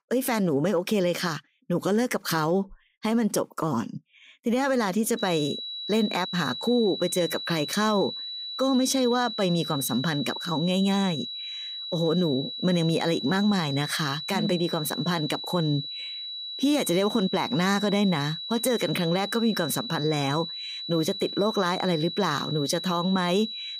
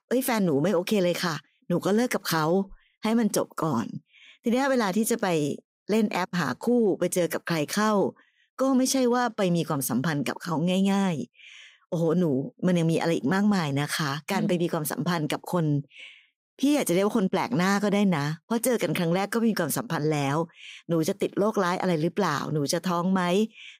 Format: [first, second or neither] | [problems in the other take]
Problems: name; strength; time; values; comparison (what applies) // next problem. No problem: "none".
second | high-pitched whine; loud; from 5 s on; 4 kHz, 7 dB below the speech